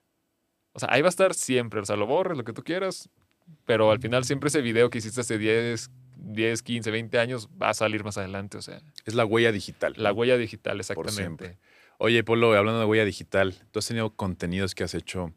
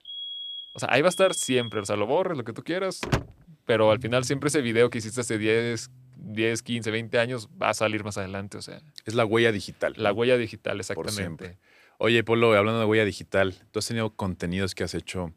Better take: first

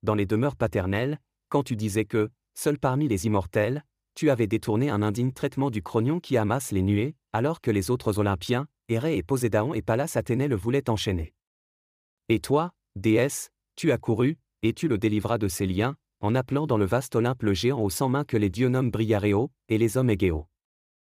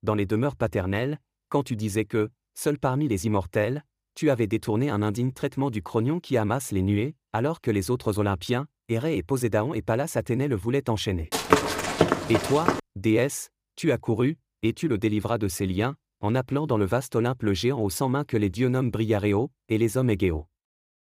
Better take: first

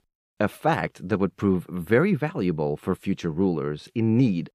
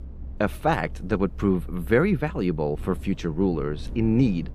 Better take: first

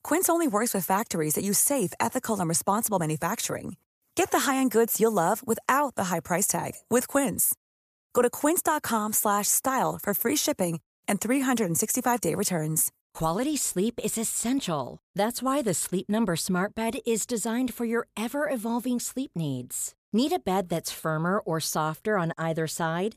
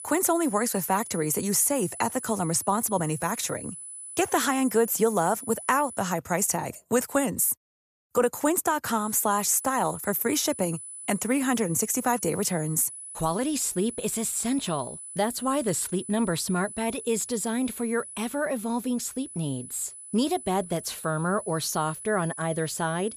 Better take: first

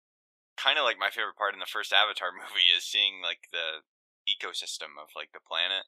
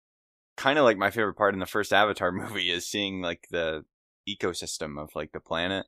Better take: second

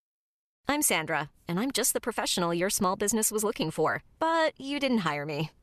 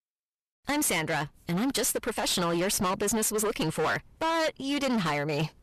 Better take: first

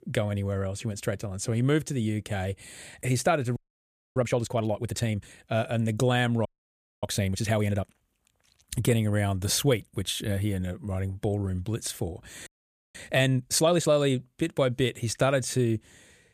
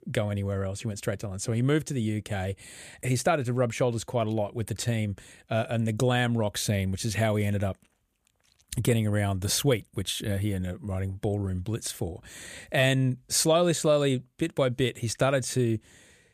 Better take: second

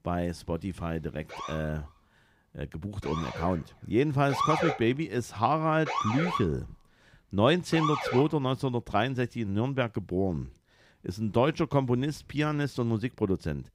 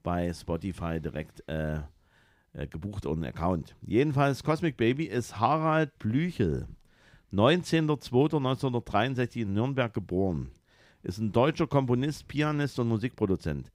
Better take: second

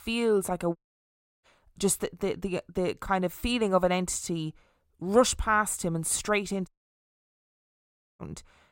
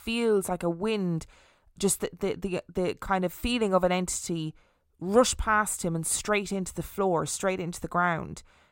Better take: second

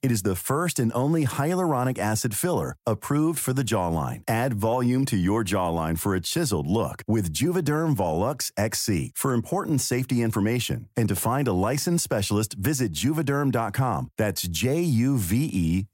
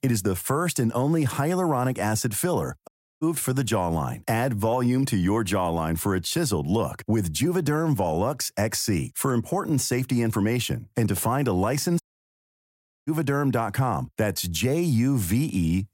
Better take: first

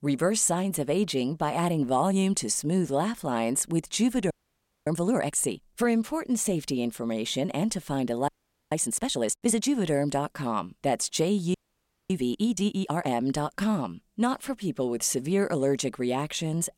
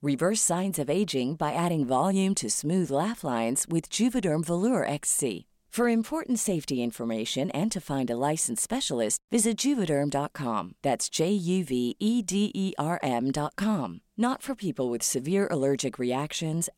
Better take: second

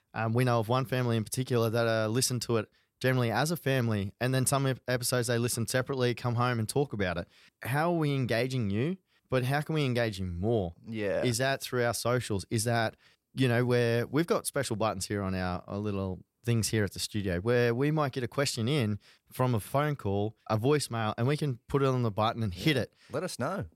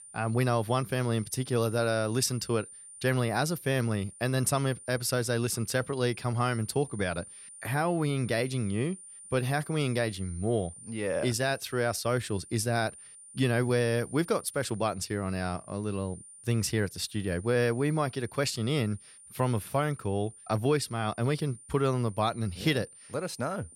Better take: first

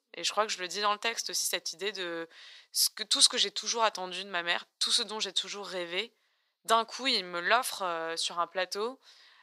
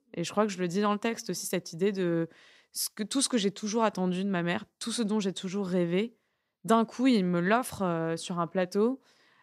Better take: second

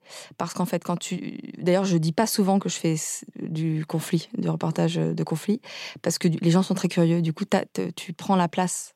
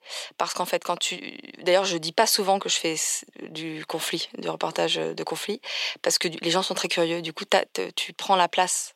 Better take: first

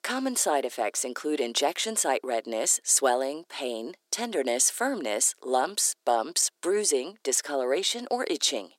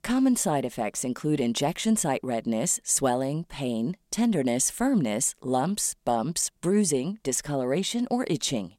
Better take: second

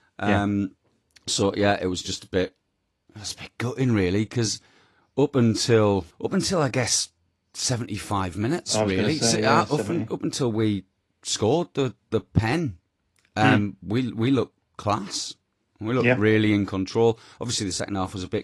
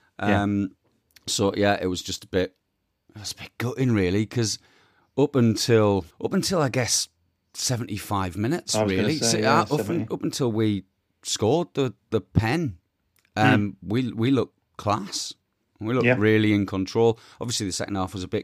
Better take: second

